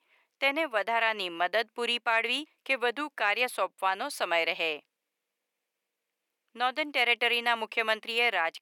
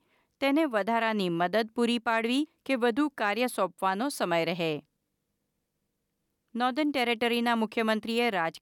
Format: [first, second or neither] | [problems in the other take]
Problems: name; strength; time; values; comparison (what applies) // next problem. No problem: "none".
second | thin; very; fading below 600 Hz